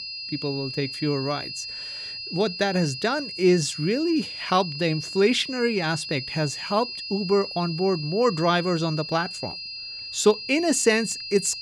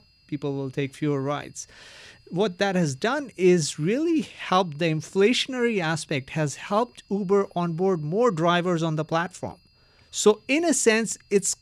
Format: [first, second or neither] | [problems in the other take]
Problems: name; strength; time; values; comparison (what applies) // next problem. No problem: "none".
second | high-pitched whine; loud; throughout; 5 kHz, 8 dB below the speech; faint in the second